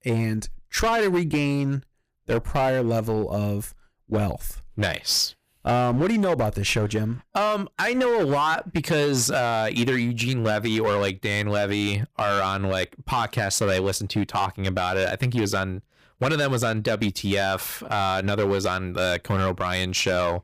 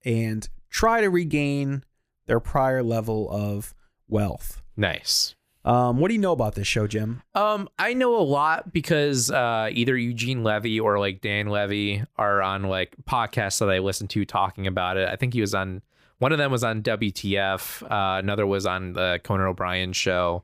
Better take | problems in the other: second | distortion; slight; 11% of the sound clipped

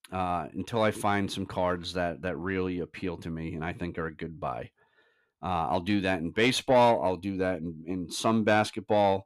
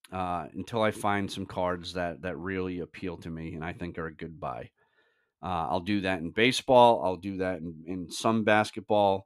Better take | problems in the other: second | distortion; slight; 10 dB below the speech

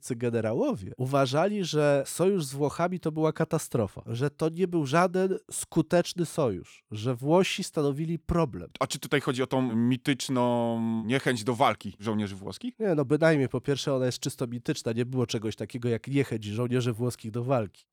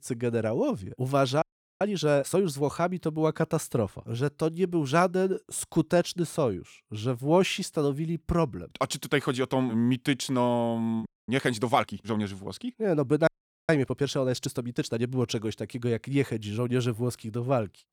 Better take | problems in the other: first | audio freezing; at 1.5 s, at 11 s and at 13 s

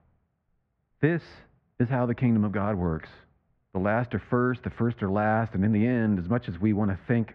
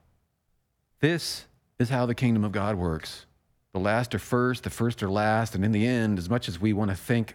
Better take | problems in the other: second | muffled; very; fading above 2 kHz

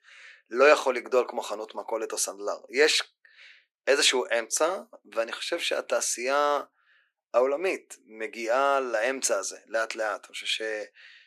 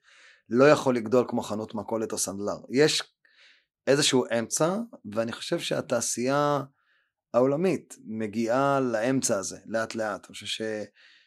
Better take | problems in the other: second | thin; very; fading below 400 Hz

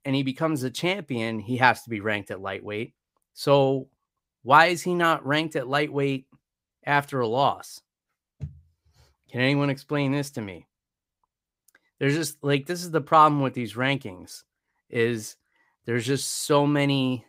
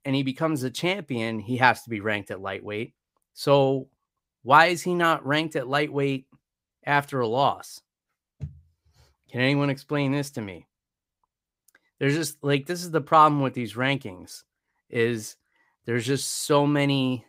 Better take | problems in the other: neither | none

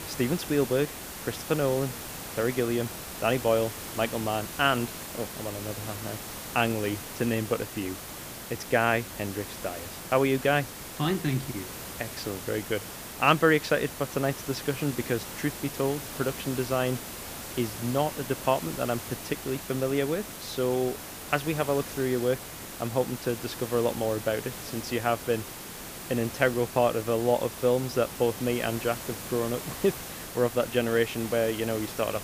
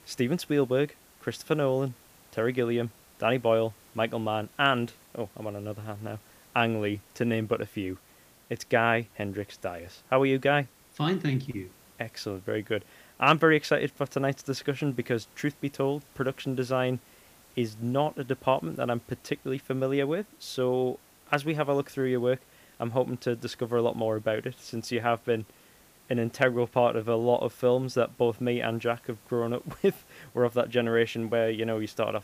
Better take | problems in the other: second | hiss; loud; throughout; 9 dB below the speech; faint in the second

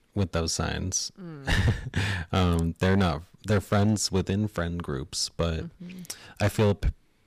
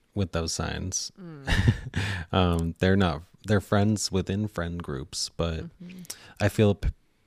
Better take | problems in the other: second | distortion; slight; 5% of the sound clipped

